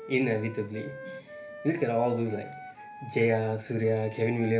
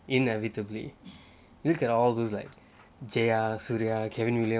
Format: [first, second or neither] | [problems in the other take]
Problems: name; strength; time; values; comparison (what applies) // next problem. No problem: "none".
second | background sound (Wind instrument, woodwind instrument); 16 dB below the speech // room echo; dies away in 0.3 s